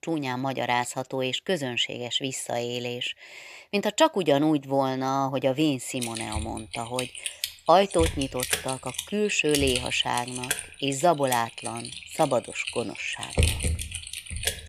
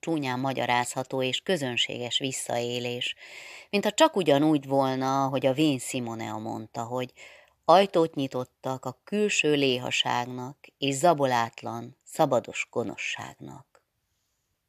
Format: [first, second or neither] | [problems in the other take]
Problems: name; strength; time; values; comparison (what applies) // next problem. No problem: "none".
second | keyboard typing; loud; from 6 s on; peak 2 dB above the speech